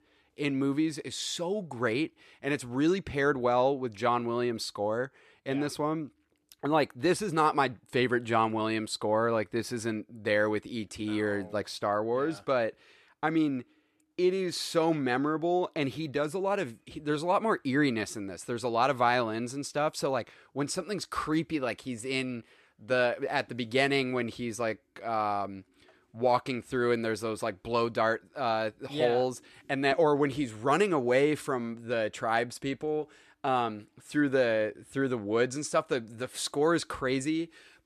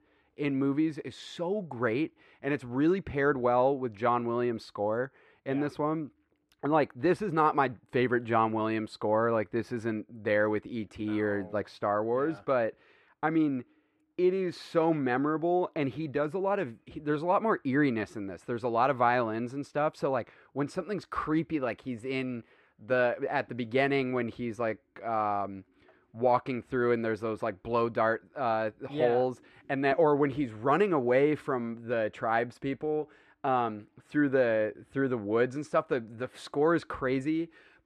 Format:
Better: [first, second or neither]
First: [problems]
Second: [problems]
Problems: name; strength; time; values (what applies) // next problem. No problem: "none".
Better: first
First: none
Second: muffled; slightly; fading above 3.5 kHz